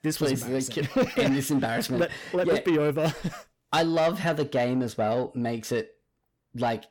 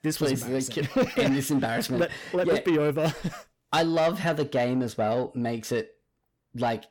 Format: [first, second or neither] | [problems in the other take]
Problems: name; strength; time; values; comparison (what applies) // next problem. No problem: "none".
neither | distortion; slight; 10 dB below the speech; the same in both